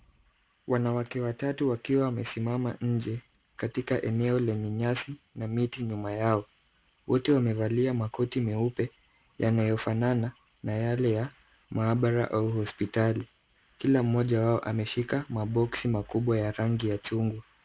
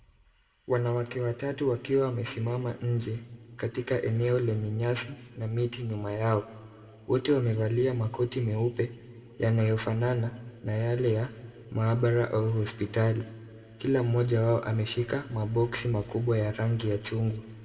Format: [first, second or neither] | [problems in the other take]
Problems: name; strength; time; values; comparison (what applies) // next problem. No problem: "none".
first | room echo; dies away in 1.6 s